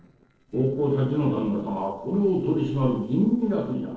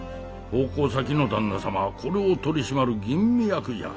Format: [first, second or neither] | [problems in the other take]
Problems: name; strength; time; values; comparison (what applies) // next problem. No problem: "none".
second | noise reduction (neural separator model SepFormer DNS4)